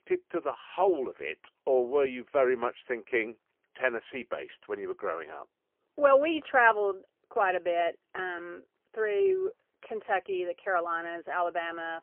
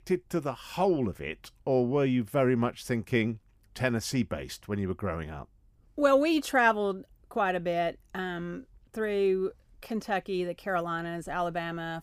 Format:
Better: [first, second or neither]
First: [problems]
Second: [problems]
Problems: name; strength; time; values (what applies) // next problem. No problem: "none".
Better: second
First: phone-call audio; poor line; nothing above 3 kHz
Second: none